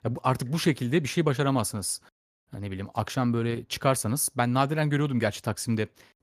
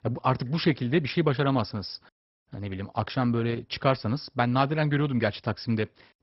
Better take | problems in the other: first | garbled, watery; badly; nothing above 5.5 kHz

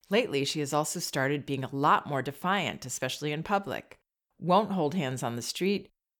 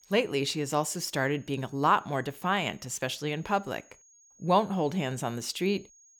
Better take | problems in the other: first | high-pitched whine; faint; throughout; 6.5 kHz, 30 dB below the speech

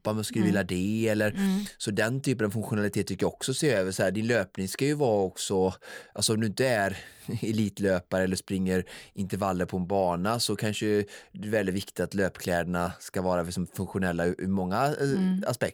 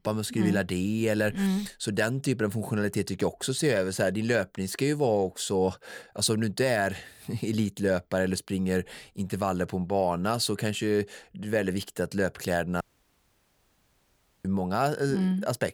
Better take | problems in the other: first | audio cutting out; at 13 s for 1.5 s

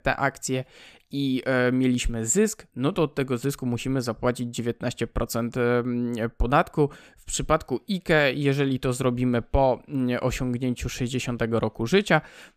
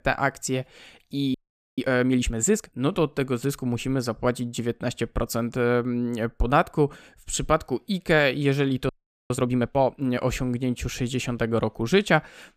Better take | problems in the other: first | audio freezing; at 1.5 s and at 9 s

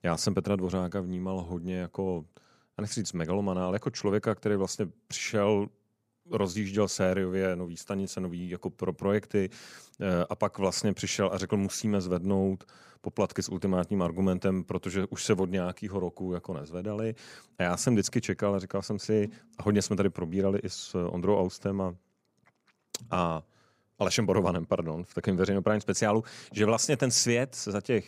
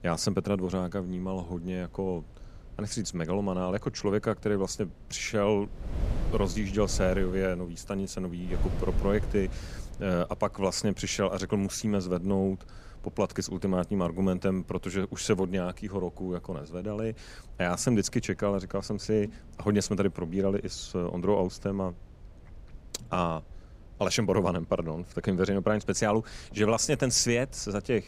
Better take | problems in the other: first | wind noise on the microphone; occasional gusts; 20 dB below the speech

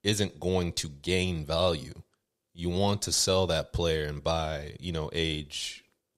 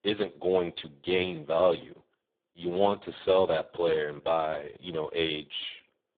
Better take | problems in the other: first | phone-call audio; poor line

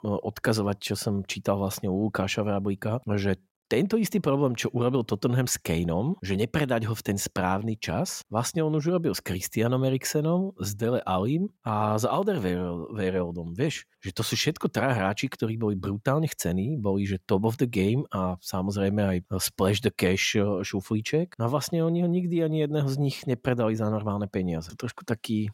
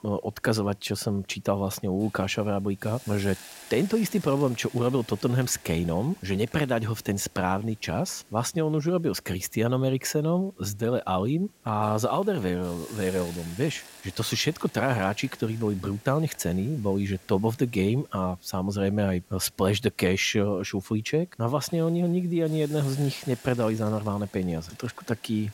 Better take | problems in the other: first | hiss; faint; throughout; 20 dB below the speech

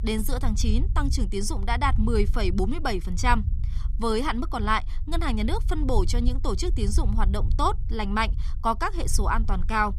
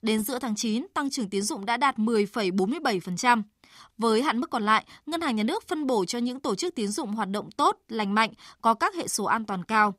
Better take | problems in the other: second | low rumble; faint; throughout; 20 dB below the speech

